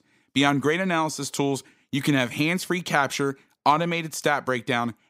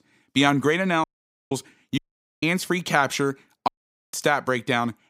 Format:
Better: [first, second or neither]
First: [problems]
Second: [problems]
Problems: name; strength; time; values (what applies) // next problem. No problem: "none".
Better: first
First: none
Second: audio cutting out; at 1 s, at 2 s and at 3.5 s